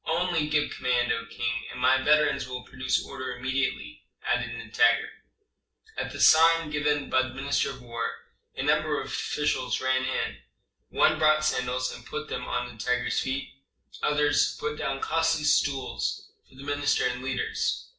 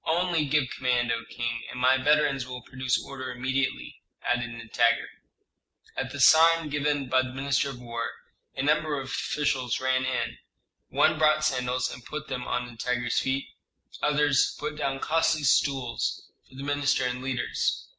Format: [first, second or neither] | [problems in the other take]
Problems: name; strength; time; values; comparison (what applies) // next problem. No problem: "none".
second | room echo; dies away in 0.2 s